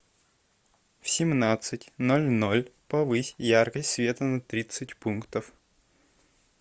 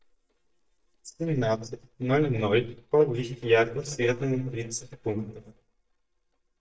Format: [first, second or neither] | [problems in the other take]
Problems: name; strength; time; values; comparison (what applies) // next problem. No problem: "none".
first | noise reduction (neural mask model DeepFilterNet 3)